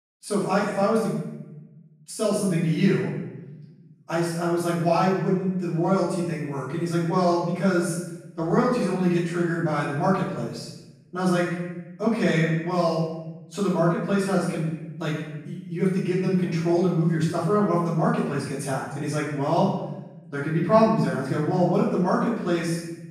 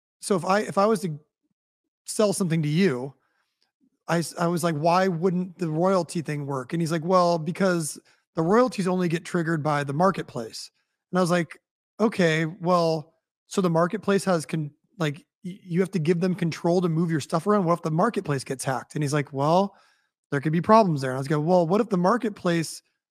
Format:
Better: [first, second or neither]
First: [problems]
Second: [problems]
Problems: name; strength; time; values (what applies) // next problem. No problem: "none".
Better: second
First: room echo; strong; dies away in 0.9 s // off-mic speech; far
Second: none